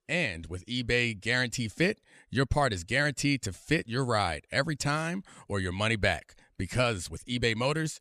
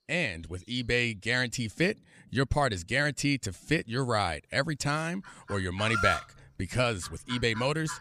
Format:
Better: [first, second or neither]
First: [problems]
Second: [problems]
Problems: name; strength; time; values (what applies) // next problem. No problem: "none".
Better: first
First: none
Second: animal sounds; loud; throughout; 6 dB below the speech